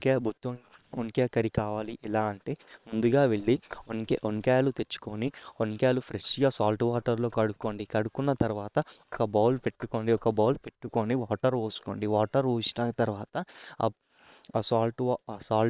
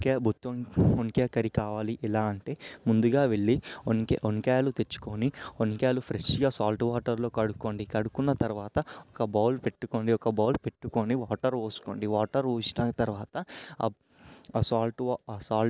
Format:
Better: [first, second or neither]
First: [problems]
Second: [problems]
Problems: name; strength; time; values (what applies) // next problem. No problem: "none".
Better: second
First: noise reduction (neural separator model SepFormer WHAM!)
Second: none